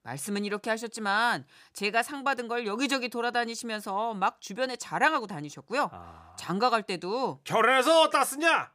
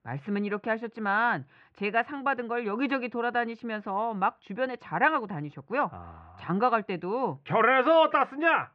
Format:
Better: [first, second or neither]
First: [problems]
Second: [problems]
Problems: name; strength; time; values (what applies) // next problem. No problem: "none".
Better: first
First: none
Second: muffled; very; fading above 2.5 kHz